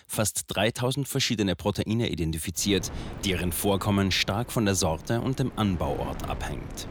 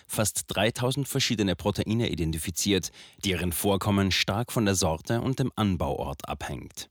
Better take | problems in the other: second | wind noise on the microphone; occasional gusts; from 2.5 s on; 15 dB below the speech

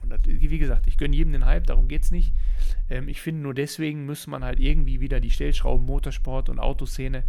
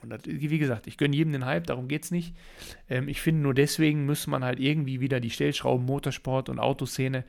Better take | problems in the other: second | low rumble; faint; until 3 s and from 4.5 s on; 20 dB below the speech

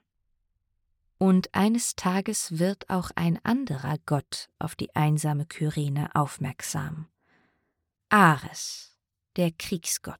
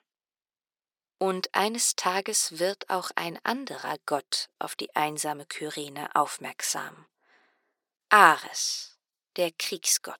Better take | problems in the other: first | thin; very; fading below 400 Hz

